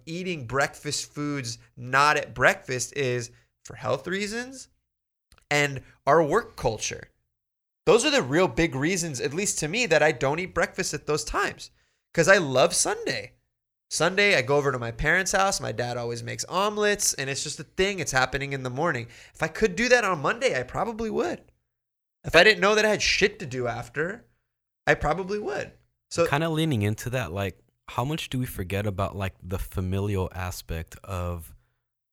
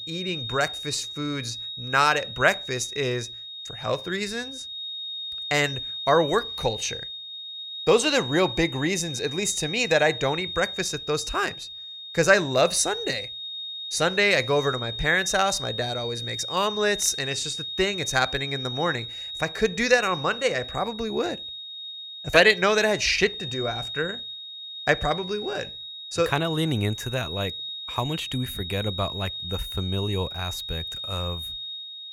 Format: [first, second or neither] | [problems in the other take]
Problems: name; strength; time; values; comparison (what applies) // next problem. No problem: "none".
first | high-pitched whine; loud; throughout; 3.5 kHz, 7 dB below the speech